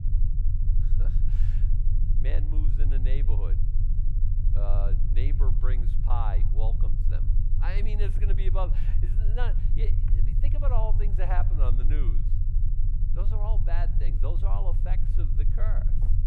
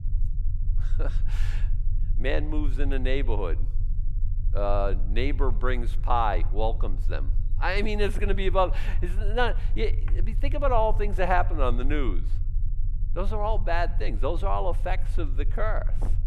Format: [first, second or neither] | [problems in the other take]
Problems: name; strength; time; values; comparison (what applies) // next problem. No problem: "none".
second | low rumble; loud; throughout; 7 dB below the speech; faint in the second